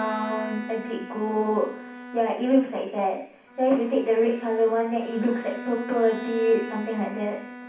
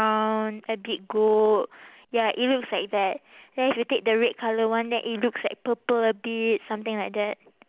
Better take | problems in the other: second | background sound (Bowed string instrument); 13 dB below the speech // room echo; dies away in 0.6 s

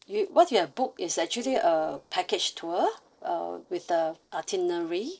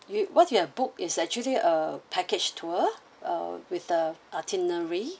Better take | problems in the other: second | noise reduction (neural separator model SepFormer DNS4)

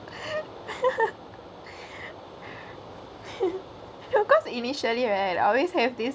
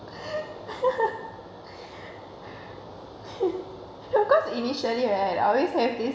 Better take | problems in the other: first | room echo; dies away in 1.1 s

